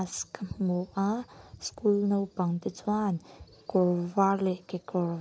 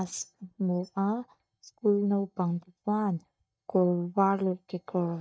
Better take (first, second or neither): first